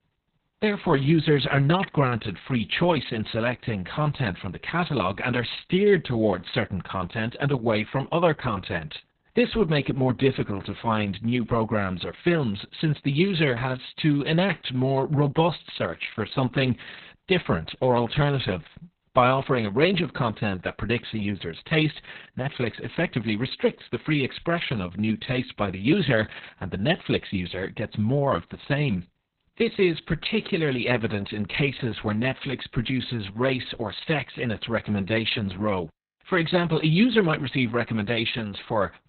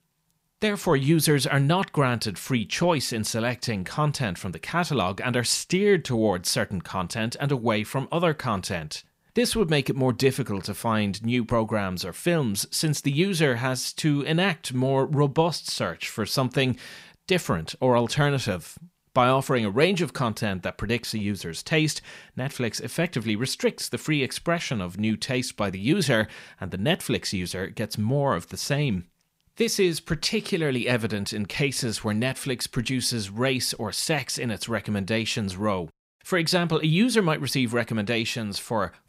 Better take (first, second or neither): second